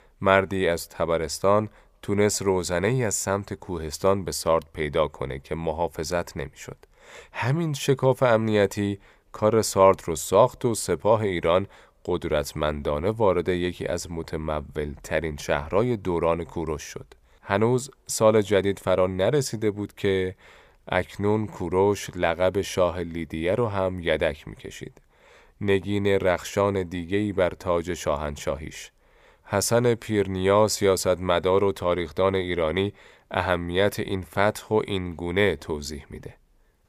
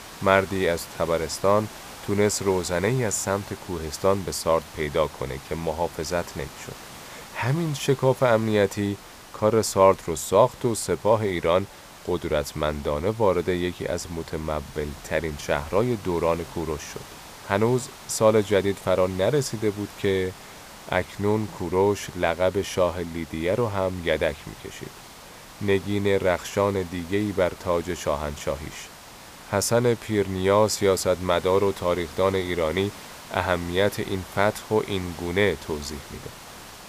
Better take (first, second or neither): first